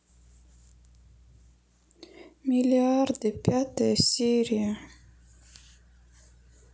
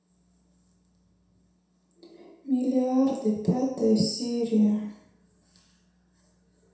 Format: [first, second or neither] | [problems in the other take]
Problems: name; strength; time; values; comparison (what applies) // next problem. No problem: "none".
first | room echo; dies away in 0.7 s